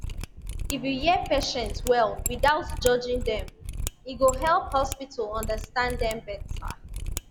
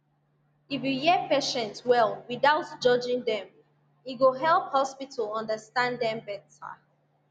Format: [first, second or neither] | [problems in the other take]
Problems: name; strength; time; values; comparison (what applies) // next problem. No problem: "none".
second | background sound (Mechanisms); 7 dB below the speech